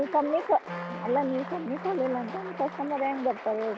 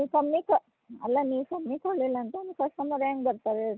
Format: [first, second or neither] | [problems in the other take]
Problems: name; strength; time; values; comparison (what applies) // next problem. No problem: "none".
second | background sound (Wind instrument, woodwind instrument + Applause); 10 dB below the speech